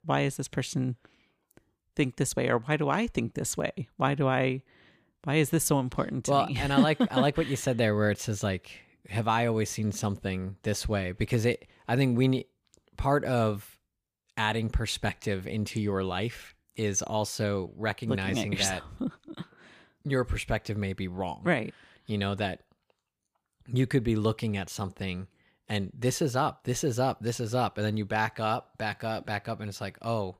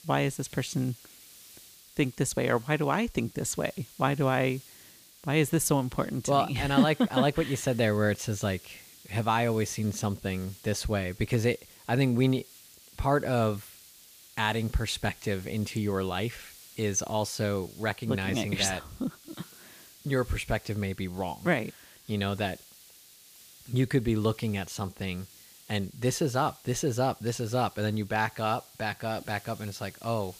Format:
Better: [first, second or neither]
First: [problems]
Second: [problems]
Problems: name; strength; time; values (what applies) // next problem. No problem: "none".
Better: first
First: none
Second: hiss; faint; throughout; 20 dB below the speech